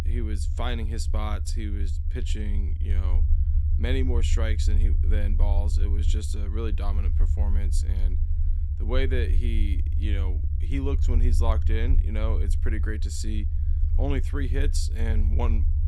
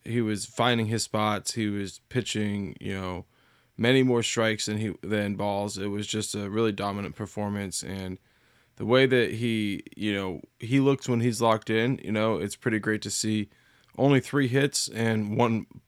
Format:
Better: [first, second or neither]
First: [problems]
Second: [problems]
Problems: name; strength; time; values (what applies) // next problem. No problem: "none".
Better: second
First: low rumble; loud; throughout; 9 dB below the speech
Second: none